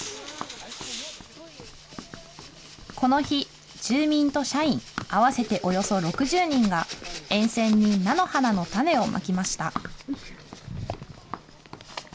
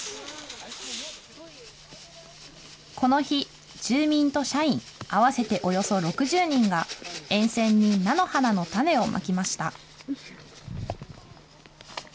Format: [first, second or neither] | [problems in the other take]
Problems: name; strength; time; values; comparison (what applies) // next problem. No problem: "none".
second | background sound (Run); 17 dB below the speech